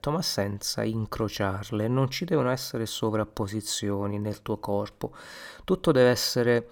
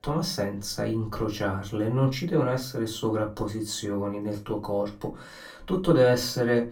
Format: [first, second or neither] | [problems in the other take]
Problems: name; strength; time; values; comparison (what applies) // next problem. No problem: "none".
first | off-mic speech; far // room echo; very slight; dies away in 0.2 s